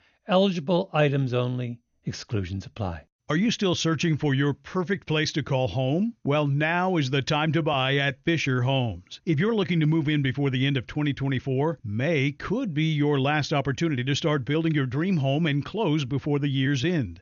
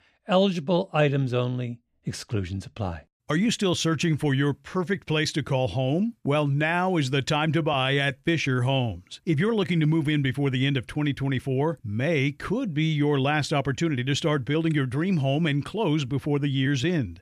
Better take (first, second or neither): second